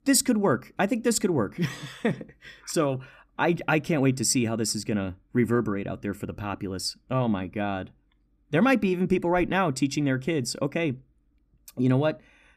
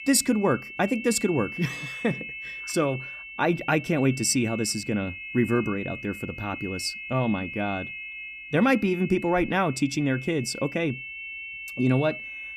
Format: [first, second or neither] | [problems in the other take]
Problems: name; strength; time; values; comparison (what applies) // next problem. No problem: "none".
first | high-pitched whine; loud; throughout; 2.5 kHz, 10 dB below the speech